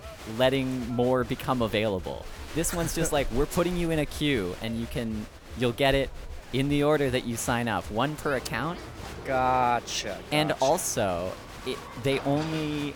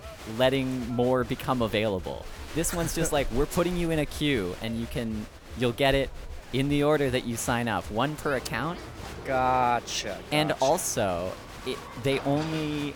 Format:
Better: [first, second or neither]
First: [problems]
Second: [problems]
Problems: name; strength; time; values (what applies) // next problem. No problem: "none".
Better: neither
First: crowd noise; noticeable; throughout; 15 dB below the speech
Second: crowd noise; noticeable; throughout; 15 dB below the speech